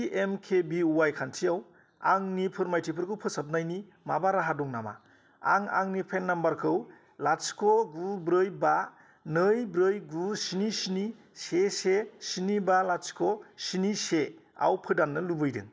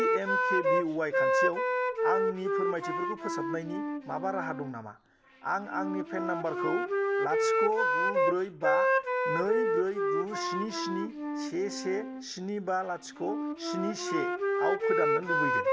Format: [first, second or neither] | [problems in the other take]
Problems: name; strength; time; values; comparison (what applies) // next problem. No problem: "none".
first | background sound (Wind instrument, woodwind instrument); 5 dB above the speech